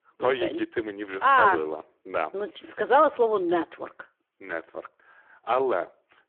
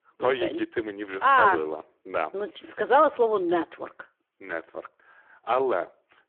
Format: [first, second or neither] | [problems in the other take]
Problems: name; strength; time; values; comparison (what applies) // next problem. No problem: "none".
neither | phone-call audio; poor line; the same in both